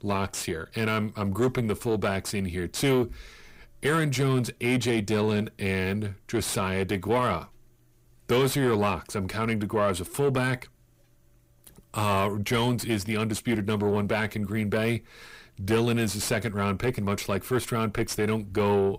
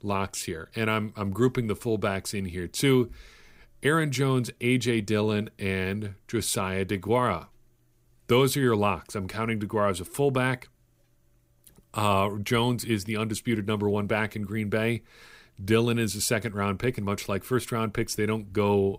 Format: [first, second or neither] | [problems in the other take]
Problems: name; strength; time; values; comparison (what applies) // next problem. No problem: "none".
second | distortion; slight; 10 dB below the speech